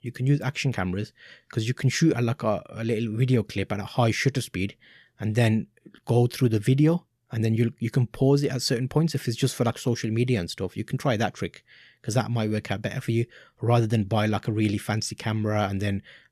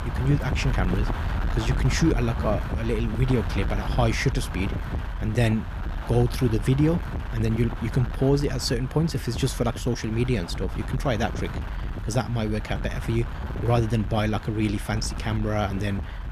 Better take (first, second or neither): first